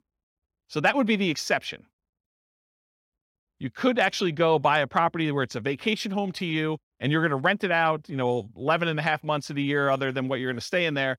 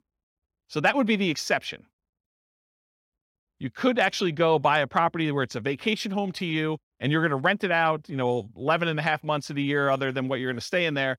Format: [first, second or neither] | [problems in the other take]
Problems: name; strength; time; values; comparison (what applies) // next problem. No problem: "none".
neither | none